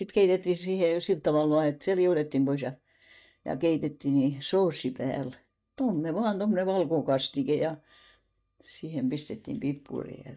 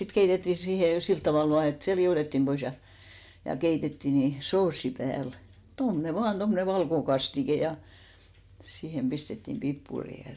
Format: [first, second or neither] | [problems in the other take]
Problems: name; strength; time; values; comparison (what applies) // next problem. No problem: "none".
second | noise reduction (neural mask model DeepFilterNet 3)